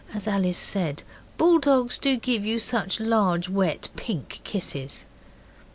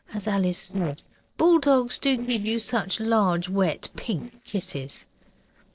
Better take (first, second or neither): first